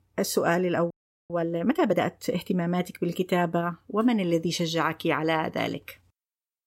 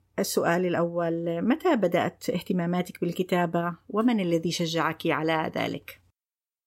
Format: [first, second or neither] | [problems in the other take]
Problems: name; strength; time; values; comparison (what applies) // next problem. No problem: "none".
second | audio freezing; at 1 s